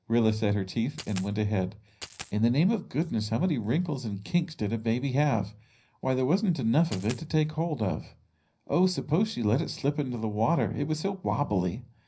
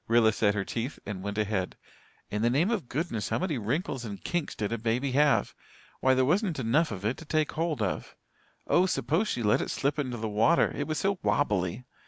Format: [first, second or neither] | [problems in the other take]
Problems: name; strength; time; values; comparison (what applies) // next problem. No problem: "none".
second | background sound (Coin (dropping)); 15 dB below the speech // room echo; dies away in 0.4 s